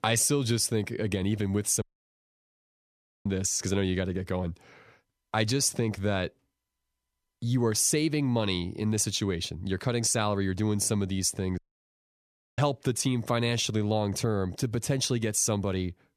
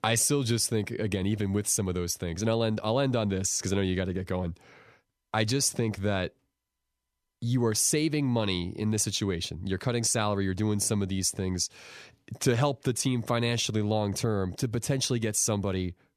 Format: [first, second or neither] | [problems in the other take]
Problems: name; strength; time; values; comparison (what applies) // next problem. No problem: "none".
second | audio cutting out; at 2 s for 1.5 s and at 12 s for 1 s